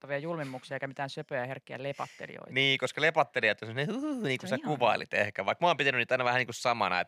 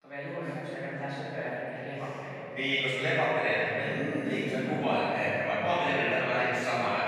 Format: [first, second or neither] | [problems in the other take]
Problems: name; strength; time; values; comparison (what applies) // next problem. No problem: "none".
first | off-mic speech; far // room echo; strong; dies away in 3 s